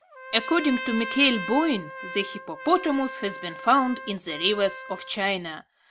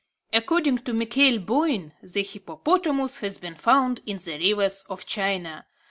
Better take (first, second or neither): second